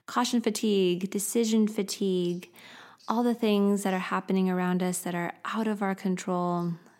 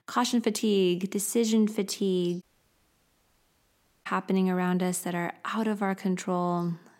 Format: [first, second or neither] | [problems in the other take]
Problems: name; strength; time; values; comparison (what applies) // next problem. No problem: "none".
first | audio cutting out; at 2.5 s for 1.5 s